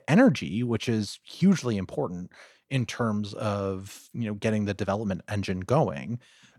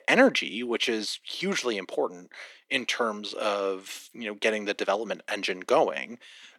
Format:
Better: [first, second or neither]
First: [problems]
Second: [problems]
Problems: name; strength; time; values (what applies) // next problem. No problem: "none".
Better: first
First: none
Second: thin; somewhat; fading below 300 Hz